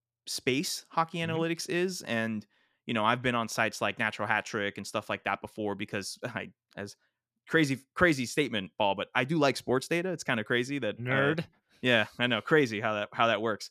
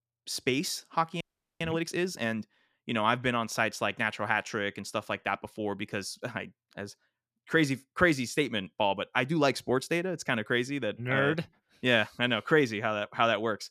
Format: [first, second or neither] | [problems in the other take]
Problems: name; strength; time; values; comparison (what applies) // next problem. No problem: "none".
first | audio freezing; at 1 s